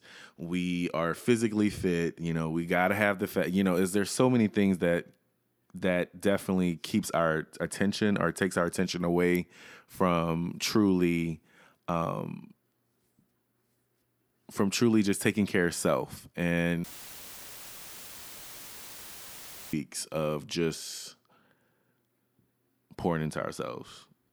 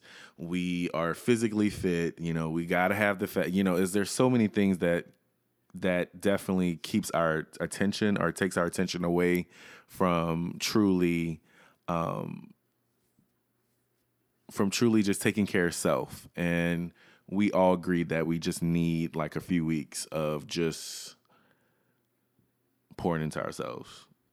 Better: second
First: audio cutting out; filled with static; at 17 s for 3 s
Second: none

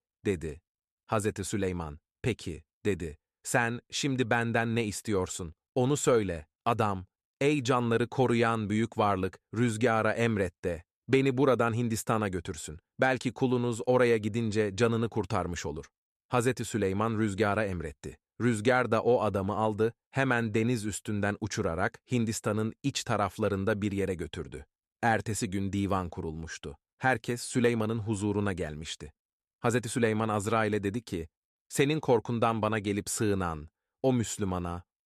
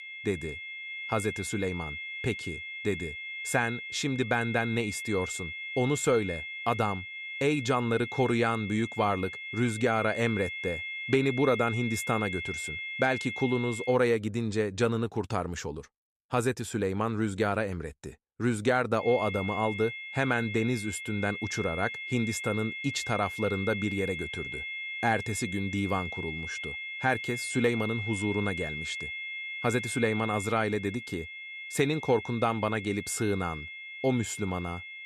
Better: first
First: none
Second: high-pitched whine; loud; until 14 s and from 19 s on; 2 kHz, 6 dB below the speech

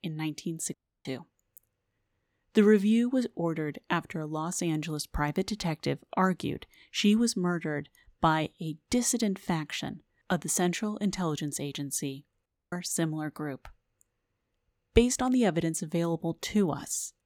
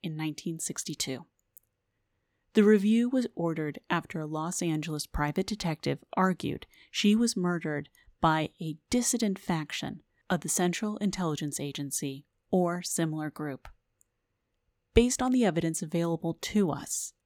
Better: second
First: audio cutting out; at 0.5 s and at 12 s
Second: none

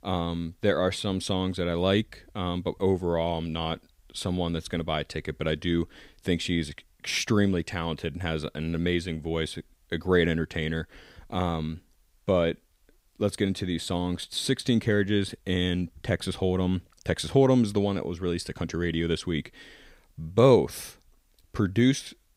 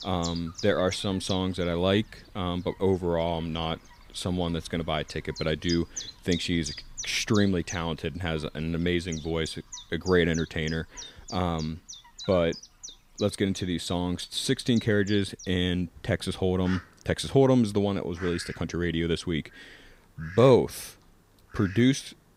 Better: first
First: none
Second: animal sounds; noticeable; throughout; 15 dB below the speech

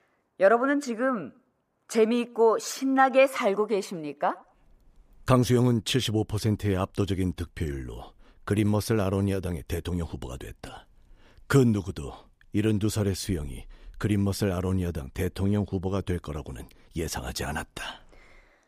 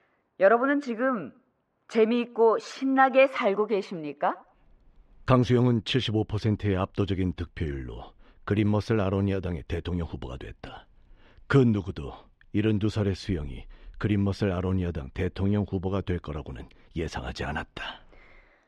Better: first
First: none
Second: muffled; slightly; fading above 3 kHz

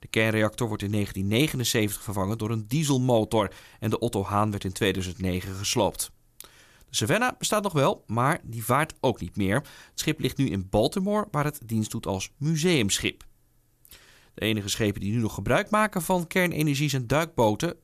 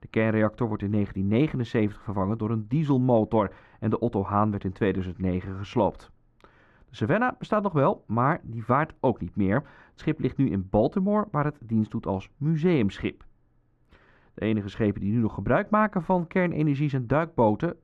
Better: first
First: none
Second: muffled; very; fading above 1.5 kHz

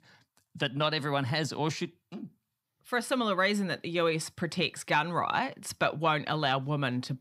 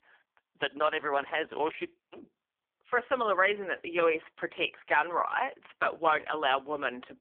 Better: first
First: none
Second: phone-call audio; poor line; nothing above 3.5 kHz

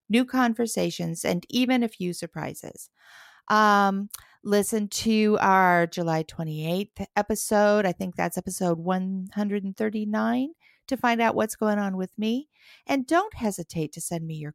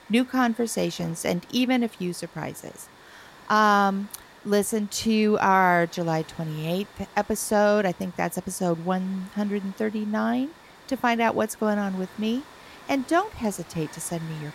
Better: first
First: none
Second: hiss; faint; throughout; 20 dB below the speech

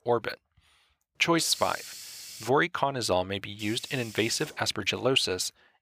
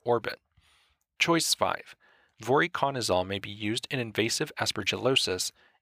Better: second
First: hiss; noticeable; from 1 to 2.5 s and from 3.5 to 5 s; 15 dB below the speech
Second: none

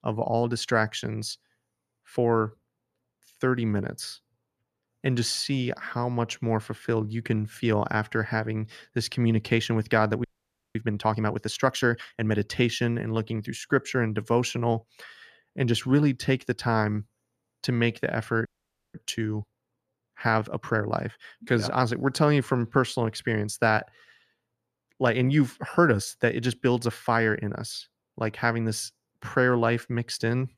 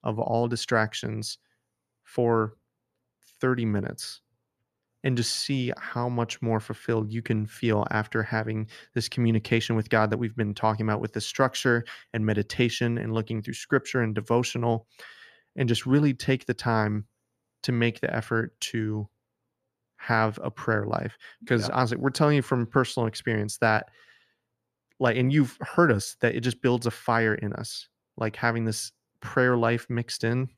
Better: second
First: audio freezing; at 10 s for 0.5 s and at 18 s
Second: none

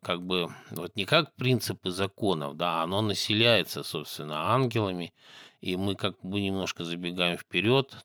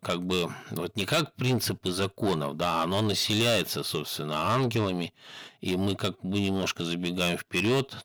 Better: first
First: none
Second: distortion; heavy; 7 dB below the speech

